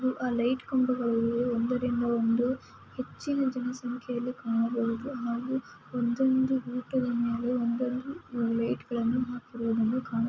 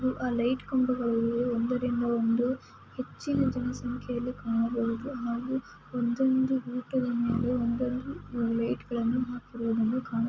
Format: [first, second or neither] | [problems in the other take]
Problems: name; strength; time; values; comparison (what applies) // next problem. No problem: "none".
first | background sound (Bass guitar); 14 dB below the speech